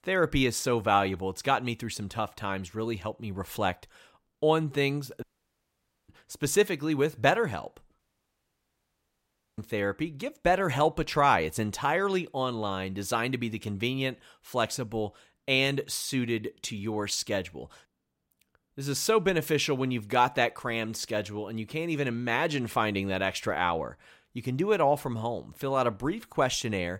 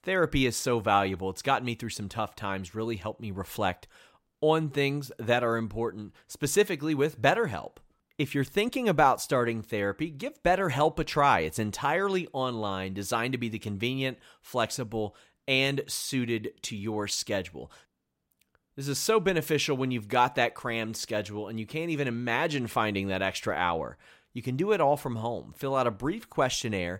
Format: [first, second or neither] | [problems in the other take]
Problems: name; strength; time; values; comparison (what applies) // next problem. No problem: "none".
second | audio cutting out; at 5 s for 1 s and at 8 s for 1.5 s